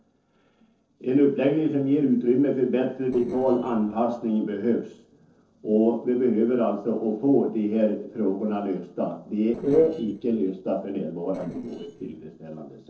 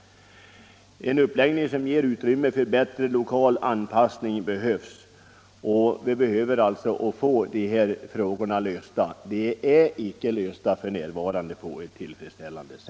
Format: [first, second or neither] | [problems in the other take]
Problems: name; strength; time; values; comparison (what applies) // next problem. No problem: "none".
second | noise reduction (neural separator model SepFormer DNS4)